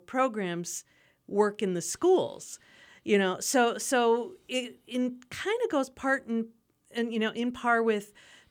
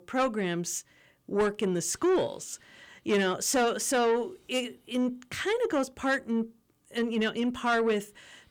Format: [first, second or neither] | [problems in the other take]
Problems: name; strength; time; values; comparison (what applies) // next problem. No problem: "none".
first | distortion; slight; 10 dB below the speech